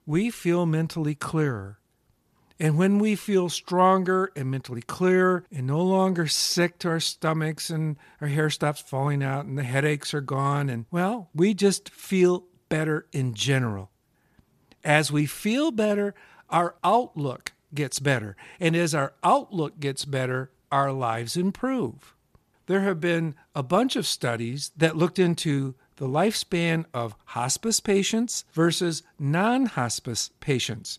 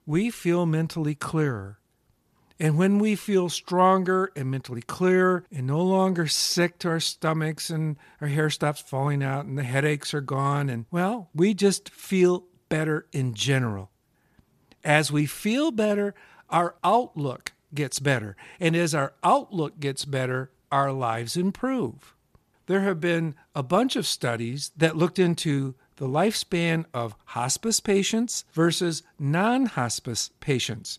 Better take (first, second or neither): neither